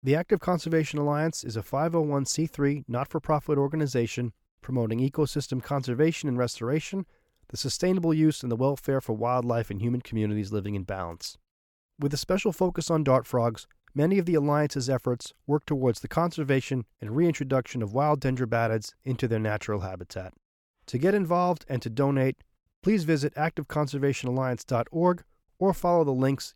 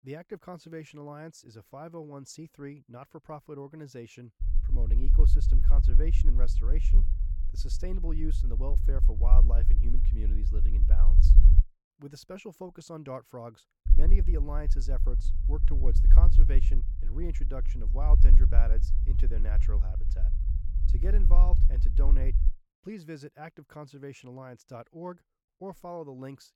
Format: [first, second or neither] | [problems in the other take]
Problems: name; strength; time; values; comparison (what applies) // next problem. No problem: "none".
first | low rumble; loud; from 4.5 to 12 s and from 14 to 22 s; 6 dB below the speech